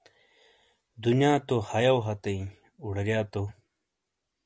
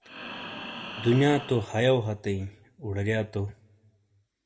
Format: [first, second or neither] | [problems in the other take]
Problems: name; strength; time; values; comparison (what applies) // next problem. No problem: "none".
first | background sound (Breathing); 11 dB below the speech // room echo; dies away in 0.4 s